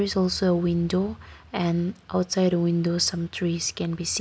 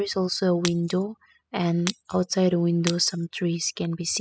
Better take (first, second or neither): first